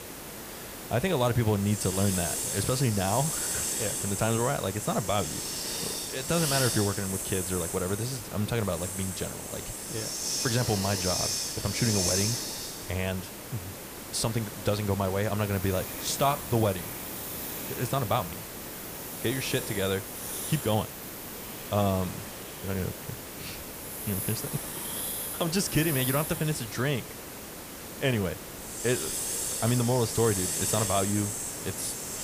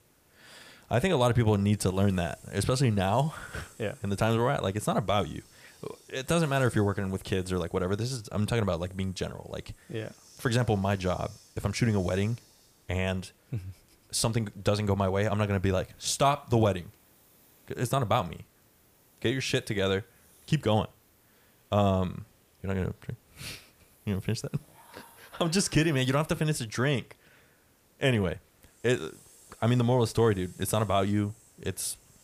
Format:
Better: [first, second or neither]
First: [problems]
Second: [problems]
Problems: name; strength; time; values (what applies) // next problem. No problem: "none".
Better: second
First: hiss; loud; throughout; 3 dB below the speech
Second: hiss; faint; throughout; 30 dB below the speech